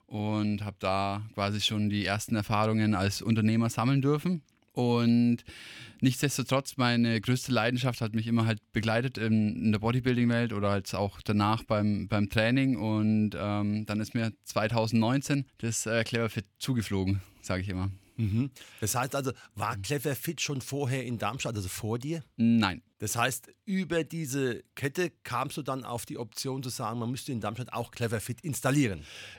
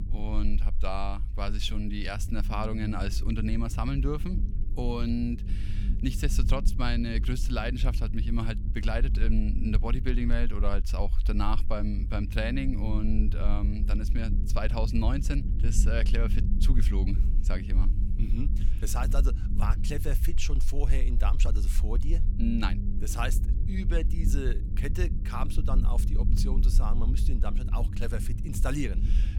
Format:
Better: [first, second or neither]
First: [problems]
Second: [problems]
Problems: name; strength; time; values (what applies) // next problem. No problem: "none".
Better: first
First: none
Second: low rumble; noticeable; throughout; 10 dB below the speech